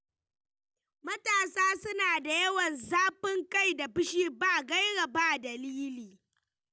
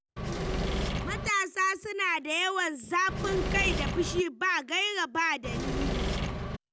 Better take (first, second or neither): first